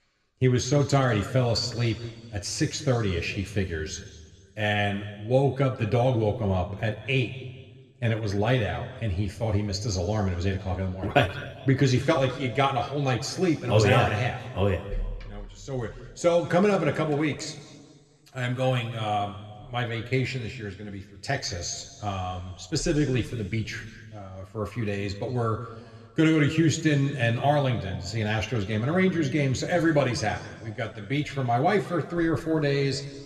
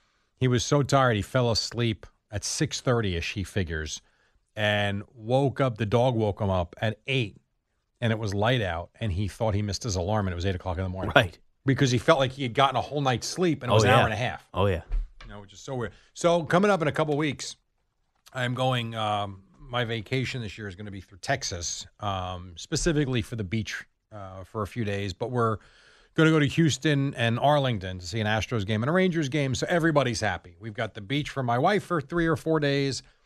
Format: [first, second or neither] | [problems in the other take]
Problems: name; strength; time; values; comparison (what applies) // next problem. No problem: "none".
second | room echo; slight; dies away in 1.5 s